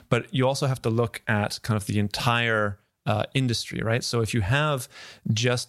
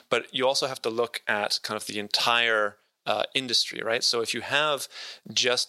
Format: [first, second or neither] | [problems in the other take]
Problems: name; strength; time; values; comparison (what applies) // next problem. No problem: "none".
first | thin; very; fading below 450 Hz